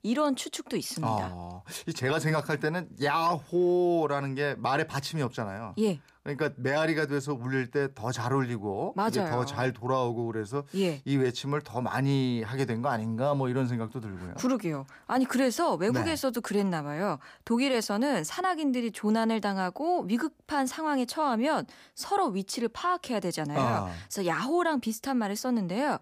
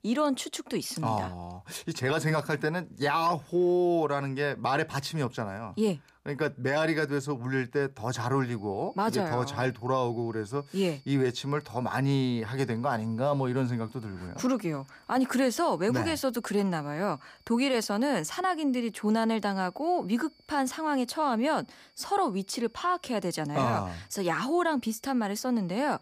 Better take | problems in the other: first | high-pitched whine; faint; from 8.5 s on; 4.5 kHz, 30 dB below the speech

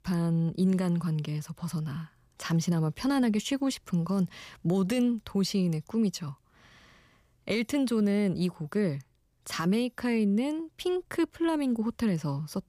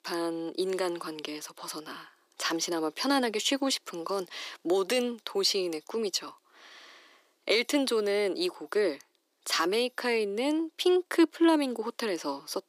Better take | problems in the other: first | thin; somewhat; fading below 300 Hz

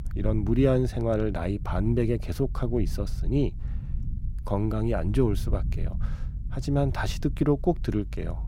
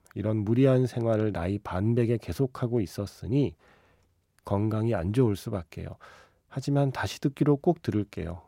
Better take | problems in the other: second | low rumble; noticeable; throughout; 20 dB below the speech

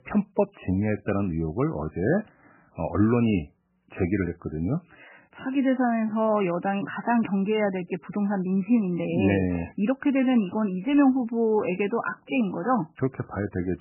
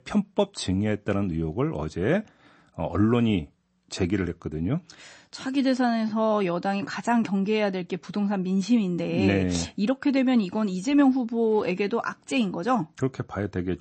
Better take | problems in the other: second | garbled, watery; badly; nothing above 3 kHz; slightly in the second

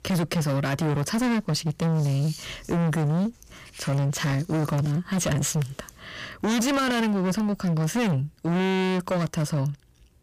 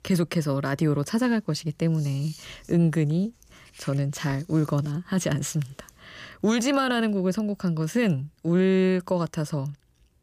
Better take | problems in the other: second | distortion; heavy; 28% of the sound clipped

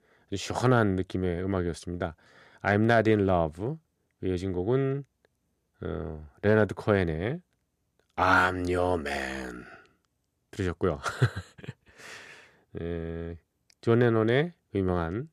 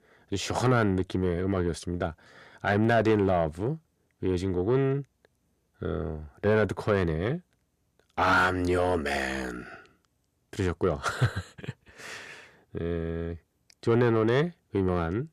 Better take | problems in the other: first | distortion; slight; 10 dB below the speech

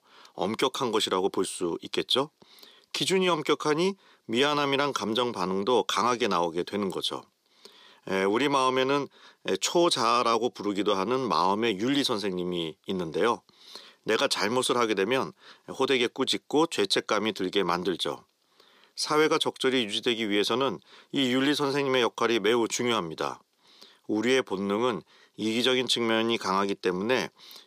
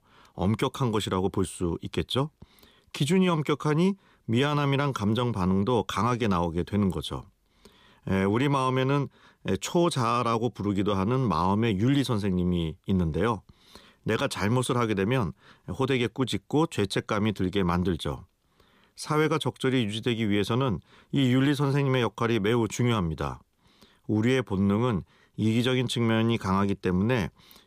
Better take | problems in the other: second | thin; somewhat; fading below 350 Hz

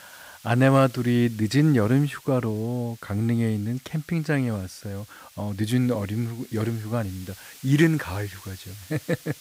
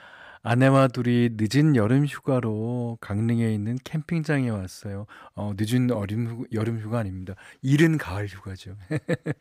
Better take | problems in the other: second | hiss; faint; throughout; 20 dB below the speech

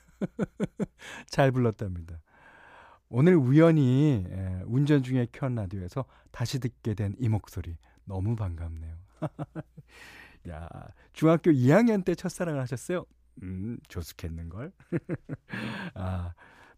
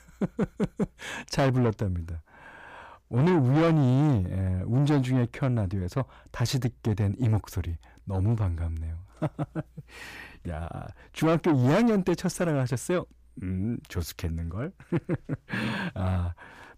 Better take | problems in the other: first | distortion; heavy; 7 dB below the speech

